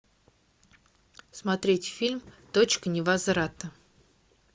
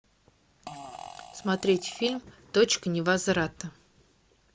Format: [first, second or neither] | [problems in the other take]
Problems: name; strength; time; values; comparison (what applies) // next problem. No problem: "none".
first | background sound (Fart); 16 dB below the speech